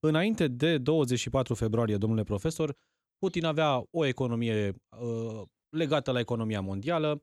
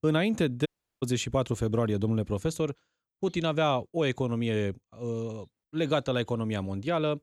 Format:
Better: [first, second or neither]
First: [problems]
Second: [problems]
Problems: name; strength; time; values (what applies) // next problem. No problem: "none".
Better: first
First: none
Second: audio cutting out; at 0.5 s